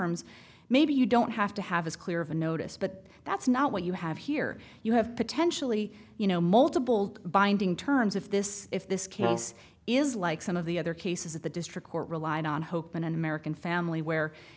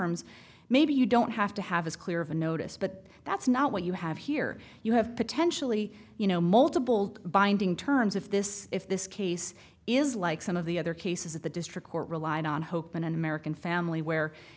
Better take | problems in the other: second | background sound (Brass instrument); 6 dB below the speech

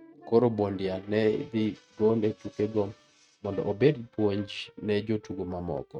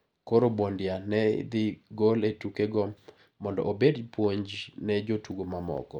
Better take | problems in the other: second | noise reduction (neural mask model RNNoise)

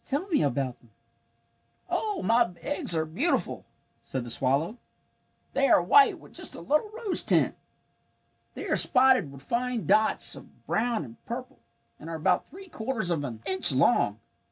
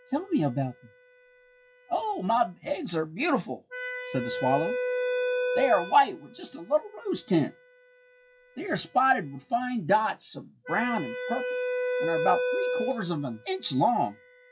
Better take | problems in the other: first | noise reduction (classical method log-MMSE)

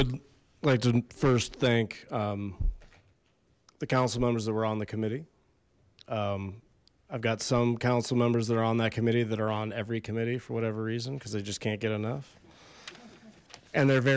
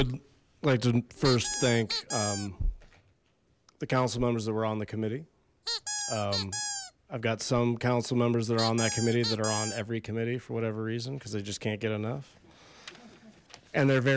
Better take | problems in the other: first | background sound (Squeak); 5 dB below the speech

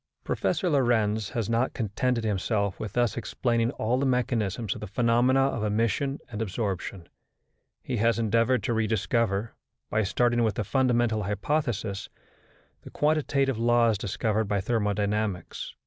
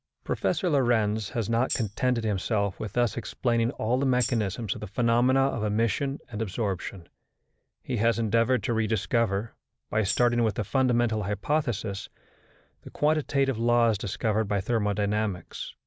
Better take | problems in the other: first | background sound (Tambourine); 13 dB below the speech

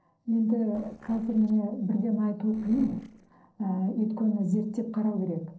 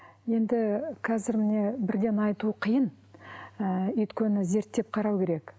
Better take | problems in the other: second | noise reduction (neural separator model SepFormer DNS4)

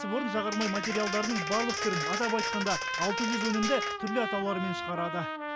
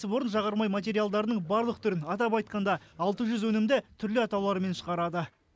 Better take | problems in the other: second | background sound (Trumpet + Applause); 2 dB below the speech

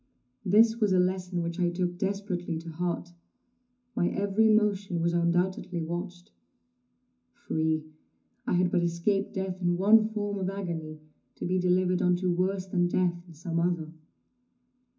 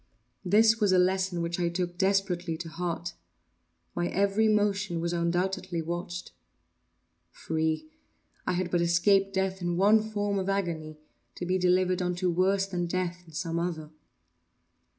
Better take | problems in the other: second | room echo; dies away in 0.3 s

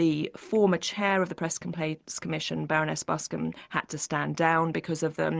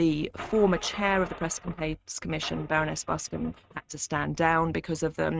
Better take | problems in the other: first | noise reduction (neural mask model RNNoise)

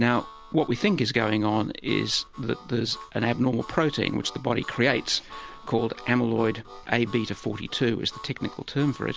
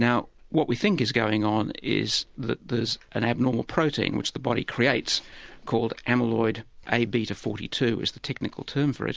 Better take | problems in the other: second | background sound (Harmonica); 20 dB below the speech

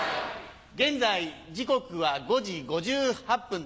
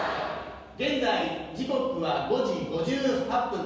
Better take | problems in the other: first | room echo; dies away in 1.2 s

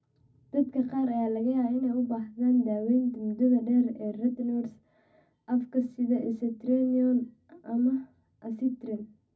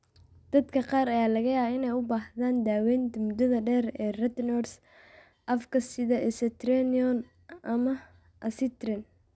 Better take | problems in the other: second | room echo; dies away in 0.4 s

